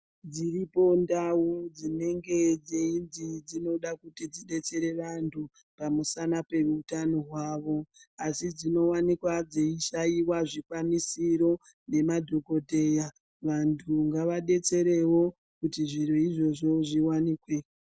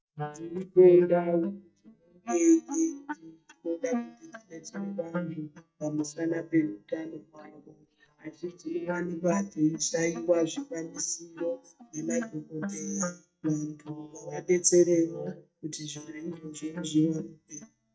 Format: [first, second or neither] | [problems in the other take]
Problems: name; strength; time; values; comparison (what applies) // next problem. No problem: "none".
first | noise reduction (neural mask model DeepFilterNet 3)